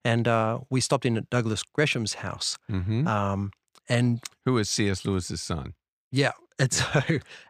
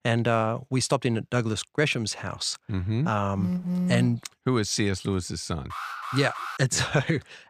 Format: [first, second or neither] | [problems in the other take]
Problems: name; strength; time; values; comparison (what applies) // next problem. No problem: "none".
first | phone ringing; loud; at 3.5 s; peak level with the speech // alarm; noticeable; at 5.5 s; peak 7 dB below the speech